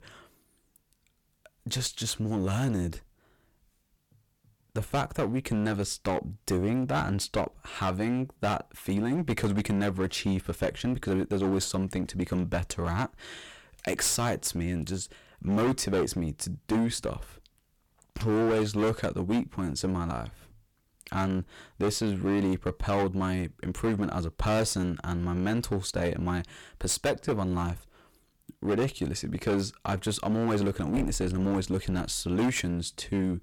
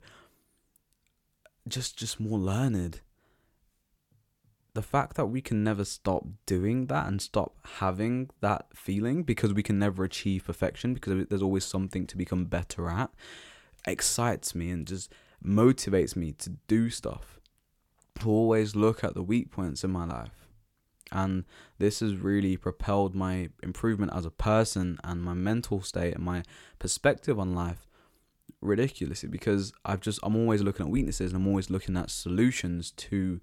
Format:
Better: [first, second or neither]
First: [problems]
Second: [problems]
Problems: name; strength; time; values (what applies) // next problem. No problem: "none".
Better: second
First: distortion; heavy; 11% of the sound clipped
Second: none